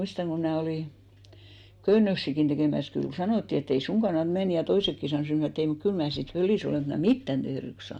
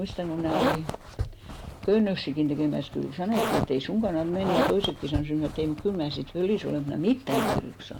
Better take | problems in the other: first | background sound (Zipper (clothing)); 5 dB below the speech

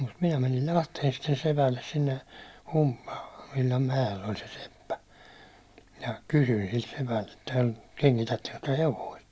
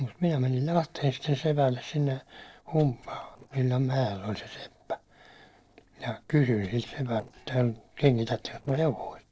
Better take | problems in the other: first | noise reduction (neural separator model SepFormer DNS4)

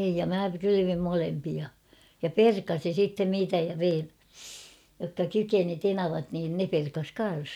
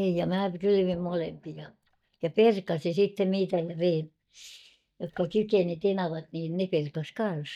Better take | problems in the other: first | noise reduction (neural mask model DeepFilterNet 3)

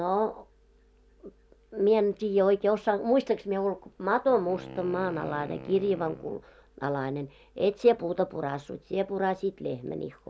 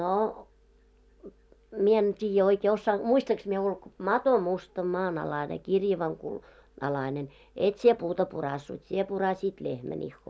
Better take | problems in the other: second | background sound (Wind instrument, woodwind instrument); 17 dB below the speech

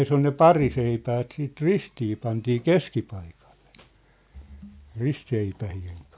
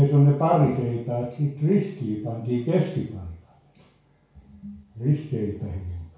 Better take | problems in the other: first | room echo; dies away in 0.6 s

